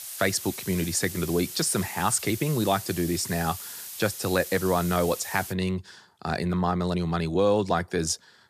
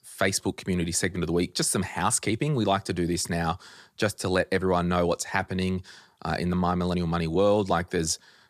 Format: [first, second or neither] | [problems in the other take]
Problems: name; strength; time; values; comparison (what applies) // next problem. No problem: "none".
second | hiss; loud; until 5.5 s; 10 dB below the speech